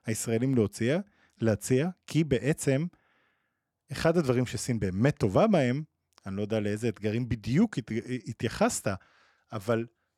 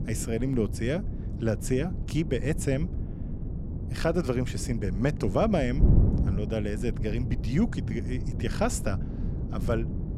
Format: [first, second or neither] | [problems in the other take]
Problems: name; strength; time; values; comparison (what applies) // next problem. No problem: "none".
first | wind noise on the microphone; occasional gusts; 10 dB below the speech